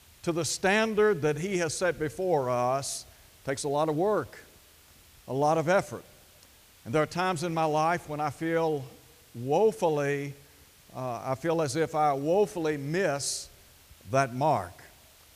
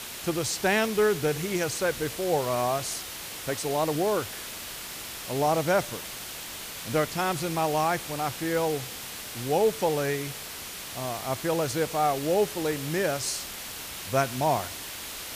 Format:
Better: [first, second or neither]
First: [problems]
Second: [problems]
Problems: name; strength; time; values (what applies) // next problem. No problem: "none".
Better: first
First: hiss; faint; throughout; 25 dB below the speech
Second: hiss; loud; throughout; 8 dB below the speech